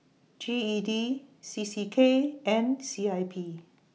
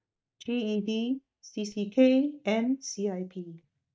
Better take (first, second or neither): first